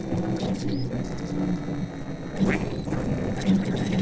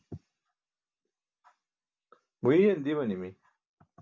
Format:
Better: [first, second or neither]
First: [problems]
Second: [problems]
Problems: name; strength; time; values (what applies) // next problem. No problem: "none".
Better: second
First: noise reduction (neural separator model SepFormer DNS4)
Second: none